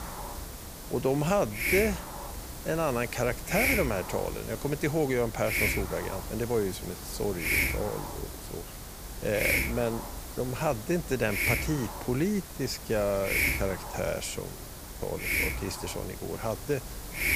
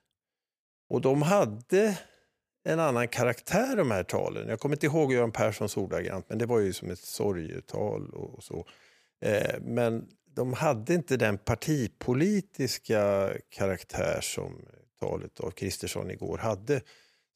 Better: second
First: hiss; loud; throughout; 2 dB below the speech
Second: none

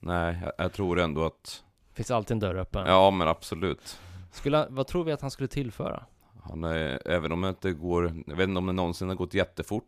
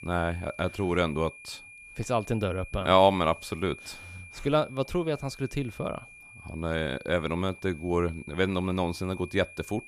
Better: first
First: none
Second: high-pitched whine; noticeable; throughout; 2.5 kHz, 15 dB below the speech

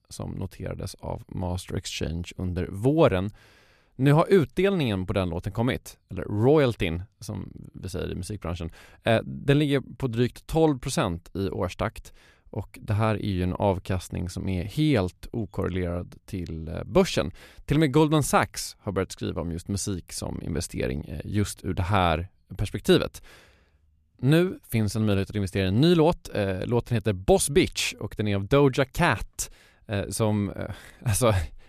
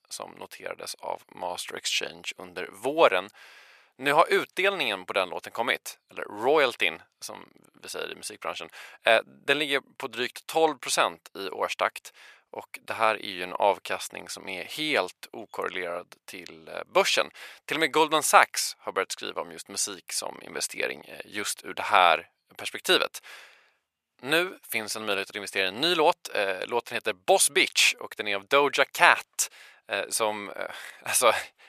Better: first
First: none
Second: thin; very; fading below 750 Hz

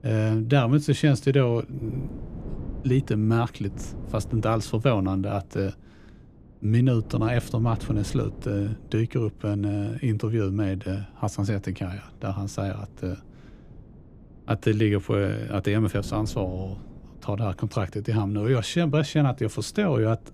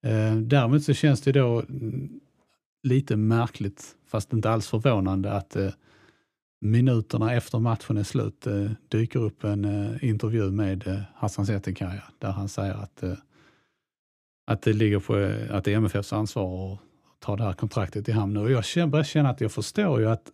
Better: second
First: wind noise on the microphone; occasional gusts; 20 dB below the speech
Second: none

